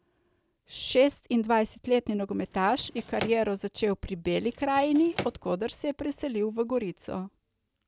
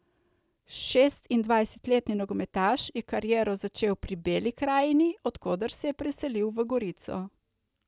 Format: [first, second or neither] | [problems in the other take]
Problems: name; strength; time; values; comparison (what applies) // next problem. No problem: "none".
second | background sound (Drawer open or close); 12 dB below the speech